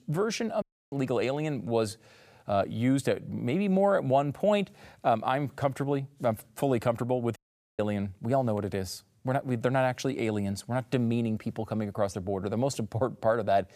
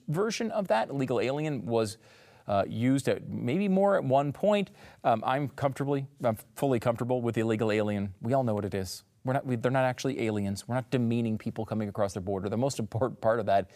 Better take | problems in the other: second | audio cutting out; at 0.5 s and at 7.5 s

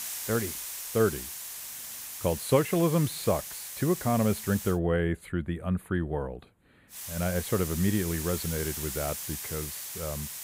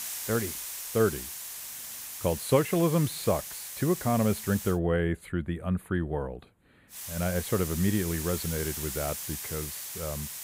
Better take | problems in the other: neither | hiss; loud; until 4.5 s and from 7 s on; 6 dB below the speech; the same in both

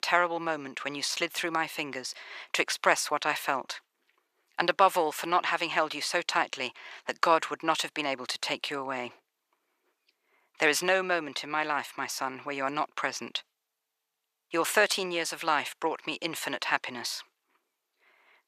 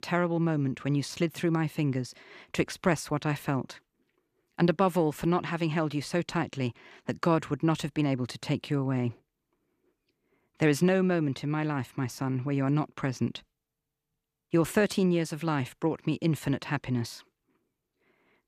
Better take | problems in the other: second | thin; very; fading below 800 Hz

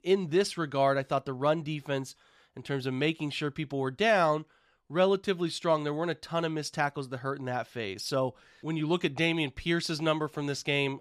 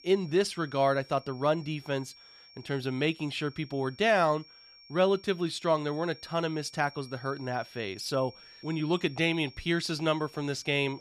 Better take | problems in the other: first | high-pitched whine; faint; throughout; 5.5 kHz, 20 dB below the speech

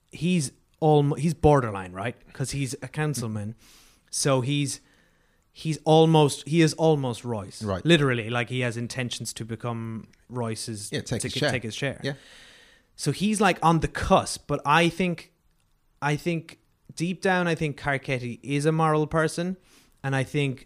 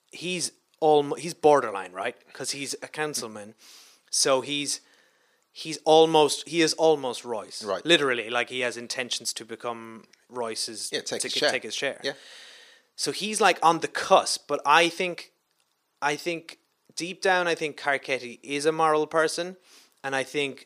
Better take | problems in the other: first | thin; somewhat; fading below 450 Hz

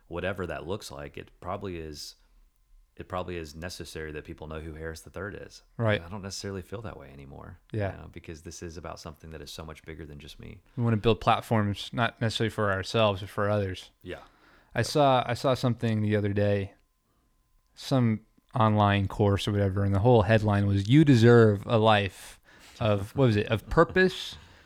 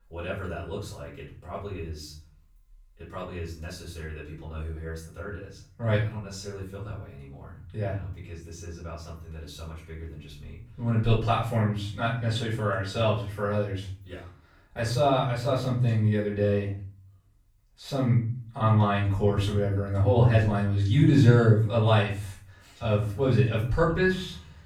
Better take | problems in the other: first | room echo; noticeable; dies away in 0.5 s // off-mic speech; far

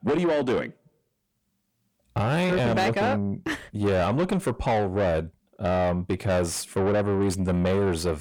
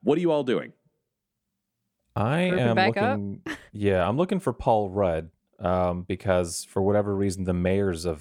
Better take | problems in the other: second | distortion; heavy; 7 dB below the speech

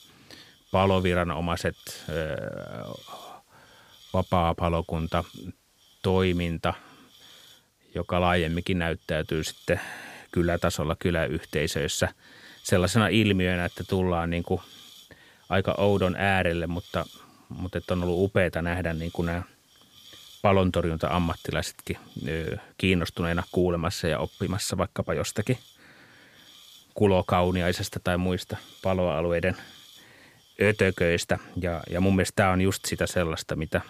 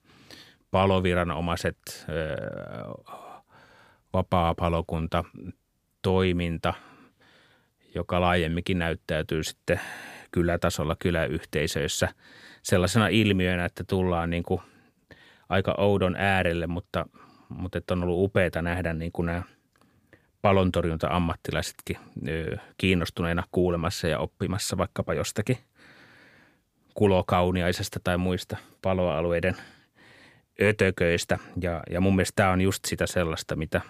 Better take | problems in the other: second | hiss; faint; throughout; 25 dB below the speech

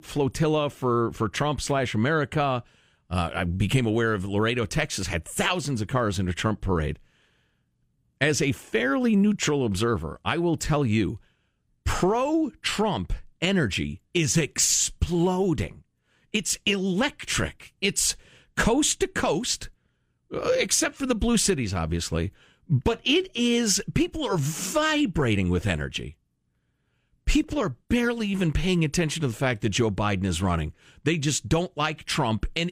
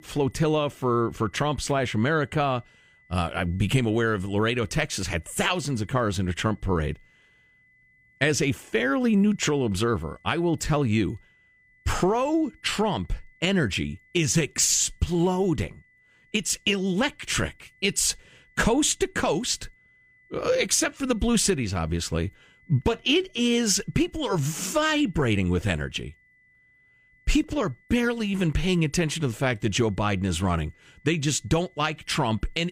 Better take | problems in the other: first | high-pitched whine; faint; throughout; 2 kHz, 35 dB below the speech

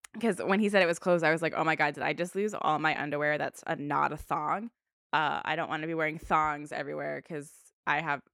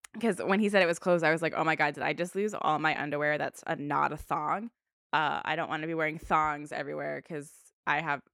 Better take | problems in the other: neither | none

